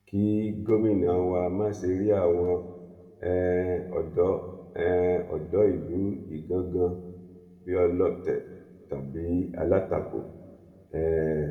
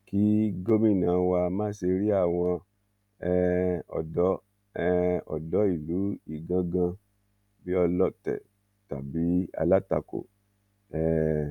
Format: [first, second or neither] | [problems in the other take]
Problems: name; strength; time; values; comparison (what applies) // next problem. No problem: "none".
second | room echo; dies away in 1.4 s